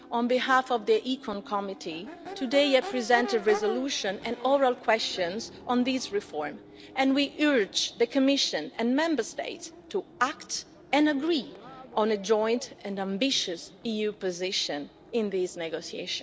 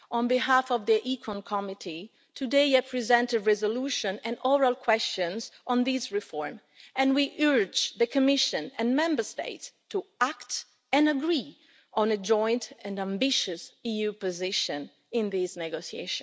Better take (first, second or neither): second